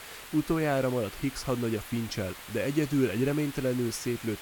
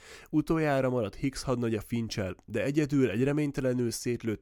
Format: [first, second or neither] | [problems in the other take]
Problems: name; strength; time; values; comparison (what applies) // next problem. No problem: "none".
second | hiss; noticeable; throughout; 15 dB below the speech